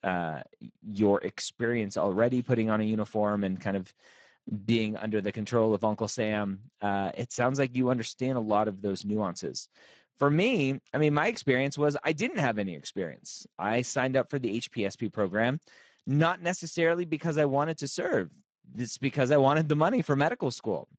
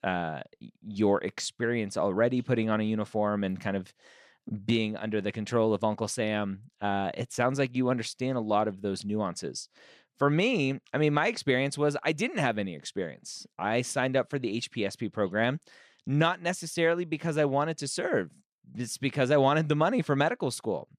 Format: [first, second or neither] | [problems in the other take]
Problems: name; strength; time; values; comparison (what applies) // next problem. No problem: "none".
second | garbled, watery; badly; nothing above 7.5 kHz